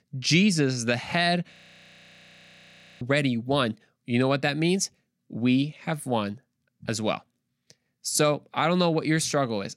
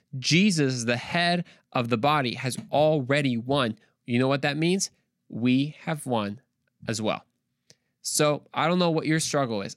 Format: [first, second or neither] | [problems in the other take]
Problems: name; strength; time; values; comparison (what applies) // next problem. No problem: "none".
second | audio freezing; at 1.5 s for 1.5 s